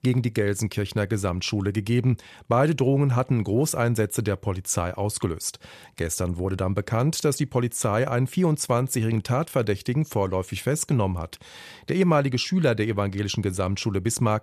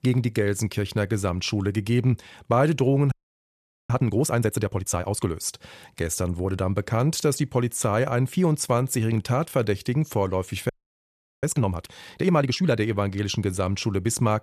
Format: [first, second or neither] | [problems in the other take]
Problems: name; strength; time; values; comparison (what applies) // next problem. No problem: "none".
first | audio freezing; at 3 s for 1 s and at 11 s for 0.5 s